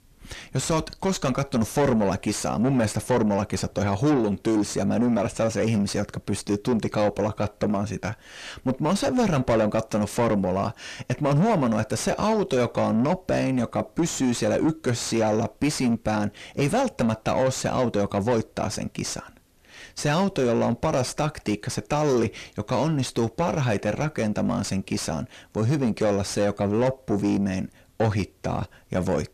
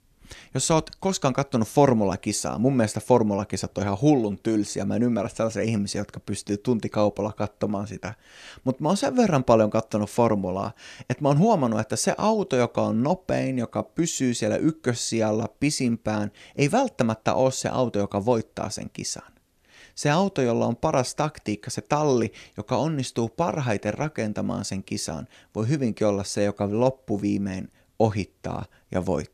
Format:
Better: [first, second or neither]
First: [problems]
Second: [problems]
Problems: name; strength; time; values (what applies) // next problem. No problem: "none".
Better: second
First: distortion; heavy; 7 dB below the speech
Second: none